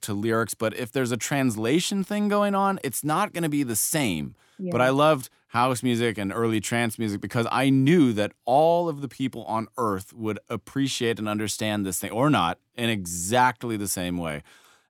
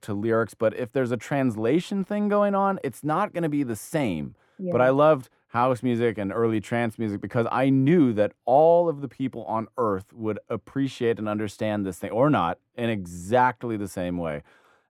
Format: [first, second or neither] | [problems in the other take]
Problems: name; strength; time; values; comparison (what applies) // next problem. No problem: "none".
first | muffled; very; fading above 3 kHz